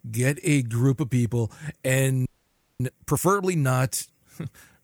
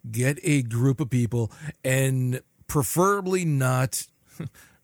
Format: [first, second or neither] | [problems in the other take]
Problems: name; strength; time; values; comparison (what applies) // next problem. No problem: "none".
second | audio freezing; at 2.5 s for 0.5 s